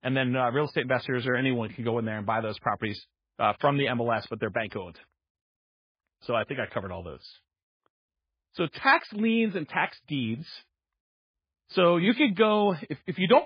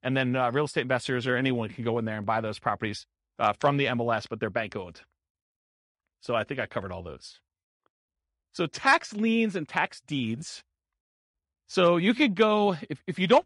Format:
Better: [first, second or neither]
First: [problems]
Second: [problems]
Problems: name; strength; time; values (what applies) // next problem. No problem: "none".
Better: second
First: garbled, watery; badly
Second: garbled, watery; slightly; nothing above 10.5 kHz